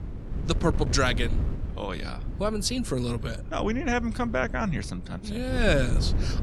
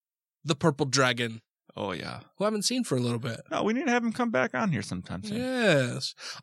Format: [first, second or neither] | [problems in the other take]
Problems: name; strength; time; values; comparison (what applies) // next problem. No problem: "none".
second | wind noise on the microphone; occasional gusts; 15 dB below the speech